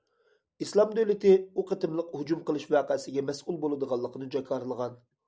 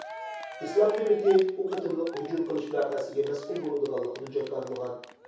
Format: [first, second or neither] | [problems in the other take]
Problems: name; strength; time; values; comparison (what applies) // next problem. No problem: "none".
first | background sound (Cheering); 14 dB below the speech // room echo; dies away in 0.6 s